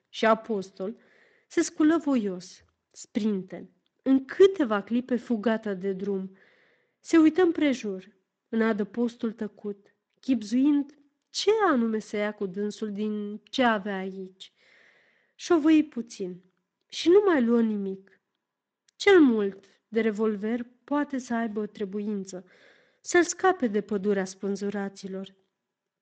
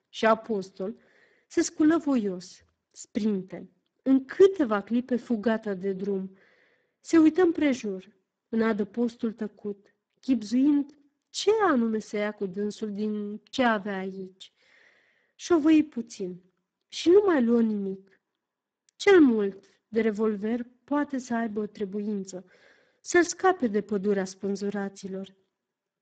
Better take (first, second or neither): first